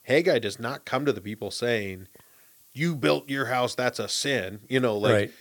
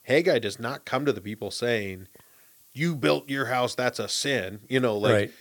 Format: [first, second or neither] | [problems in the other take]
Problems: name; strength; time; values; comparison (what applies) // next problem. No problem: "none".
neither | hiss; faint; throughout; 25 dB below the speech; the same in both